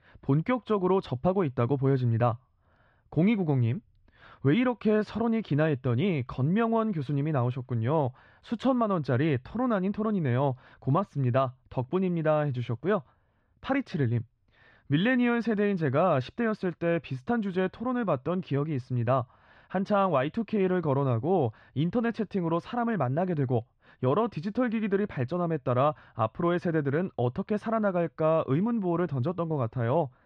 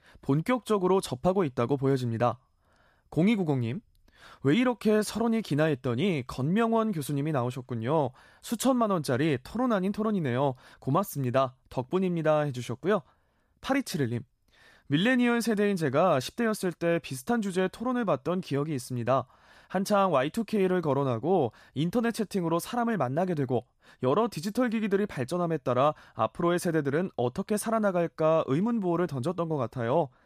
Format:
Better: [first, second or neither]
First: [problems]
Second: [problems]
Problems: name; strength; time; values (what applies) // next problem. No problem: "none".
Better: second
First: muffled; slightly; fading above 3 kHz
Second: none